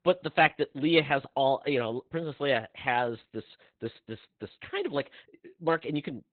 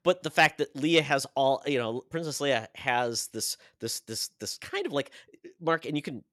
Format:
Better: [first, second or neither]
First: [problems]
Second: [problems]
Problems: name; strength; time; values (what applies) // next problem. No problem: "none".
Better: second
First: garbled, watery; badly; nothing above 4 kHz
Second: none